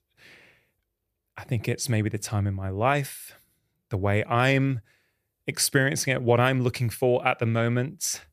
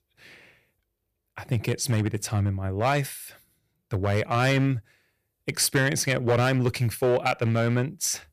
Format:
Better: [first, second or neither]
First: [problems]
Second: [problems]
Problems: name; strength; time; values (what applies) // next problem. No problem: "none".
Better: first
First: none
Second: distortion; slight; 4% of the sound clipped